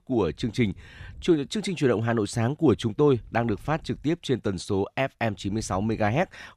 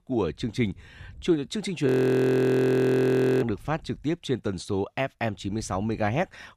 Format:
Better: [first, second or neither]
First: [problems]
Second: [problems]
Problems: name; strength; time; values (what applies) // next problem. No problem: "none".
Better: first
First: none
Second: audio freezing; at 2 s for 1.5 s